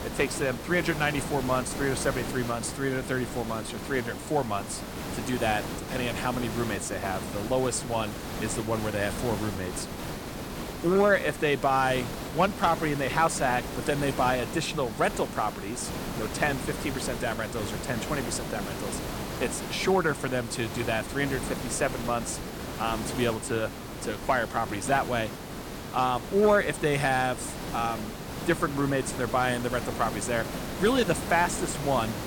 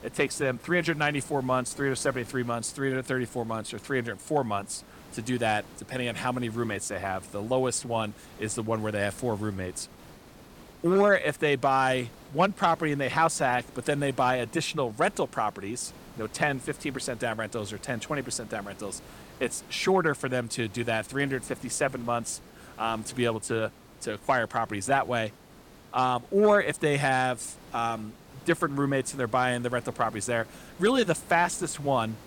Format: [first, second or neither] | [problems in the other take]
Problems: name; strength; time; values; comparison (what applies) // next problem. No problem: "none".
second | hiss; loud; throughout; 7 dB below the speech; faint in the second